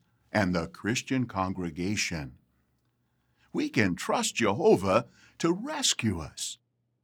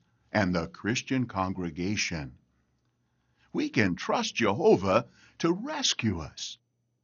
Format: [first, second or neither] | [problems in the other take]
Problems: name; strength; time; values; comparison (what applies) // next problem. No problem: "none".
first | garbled, watery; slightly; nothing above 6.5 kHz